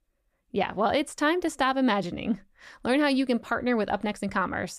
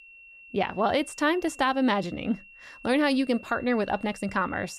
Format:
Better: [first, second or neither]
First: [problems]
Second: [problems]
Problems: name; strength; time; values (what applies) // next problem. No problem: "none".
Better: first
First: none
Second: high-pitched whine; noticeable; throughout; 2.5 kHz, 20 dB below the speech